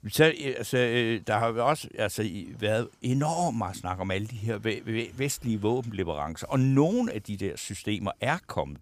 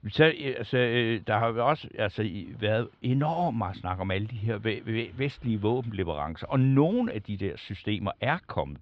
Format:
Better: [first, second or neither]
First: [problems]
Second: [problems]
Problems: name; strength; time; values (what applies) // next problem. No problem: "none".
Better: first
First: none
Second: muffled; very; fading above 4 kHz